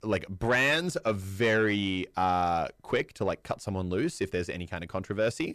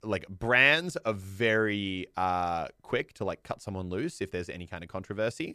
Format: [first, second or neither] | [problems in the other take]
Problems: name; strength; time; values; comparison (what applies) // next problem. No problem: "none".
second | distortion; heavy; 7 dB below the speech